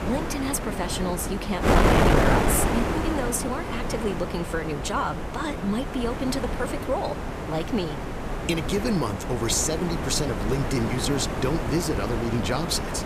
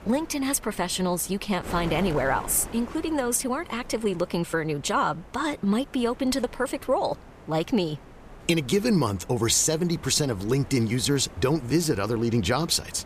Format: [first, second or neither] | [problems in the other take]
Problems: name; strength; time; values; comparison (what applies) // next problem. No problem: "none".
second | wind noise on the microphone; heavy; as loud as the speech; occasional gusts in the second